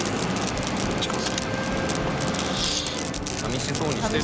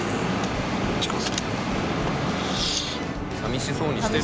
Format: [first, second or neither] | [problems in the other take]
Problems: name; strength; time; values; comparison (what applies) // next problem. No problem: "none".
second | background sound (Wind instrument, woodwind instrument + Fireworks); 8 dB below the speech